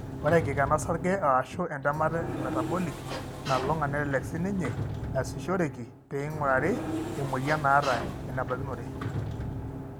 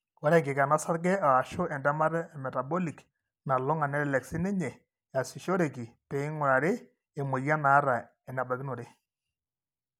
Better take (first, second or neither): second